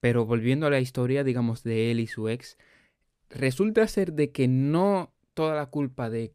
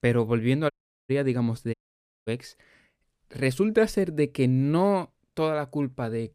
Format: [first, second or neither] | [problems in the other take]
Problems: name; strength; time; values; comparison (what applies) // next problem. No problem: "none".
first | audio cutting out; at 0.5 s and at 1.5 s for 0.5 s